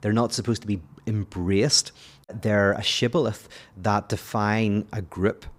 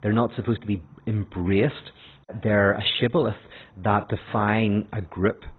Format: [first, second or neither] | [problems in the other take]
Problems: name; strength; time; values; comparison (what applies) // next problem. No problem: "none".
first | garbled, watery; badly; nothing above 4 kHz